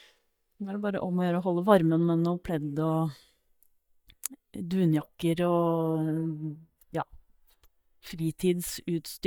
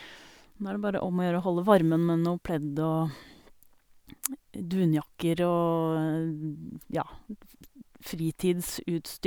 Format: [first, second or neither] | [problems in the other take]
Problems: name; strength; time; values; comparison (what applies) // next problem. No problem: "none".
second | noise reduction (neural mask model DeepFilterNet 3)